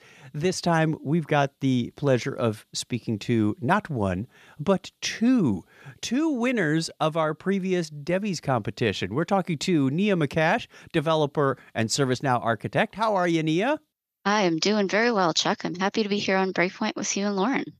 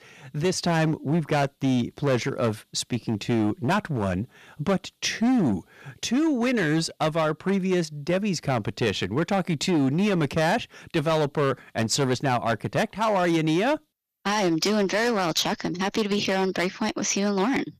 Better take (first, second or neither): first